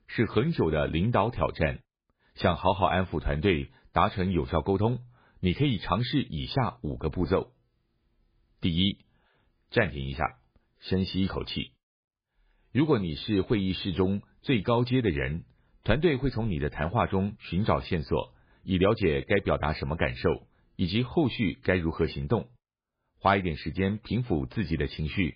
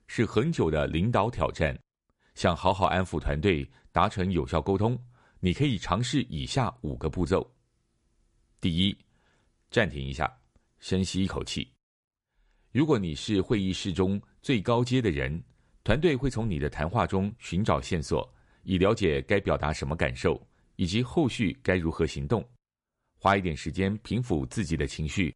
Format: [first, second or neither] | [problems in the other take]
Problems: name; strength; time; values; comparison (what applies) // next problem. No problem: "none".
second | garbled, watery; badly; nothing above 4.5 kHz; slightly in the second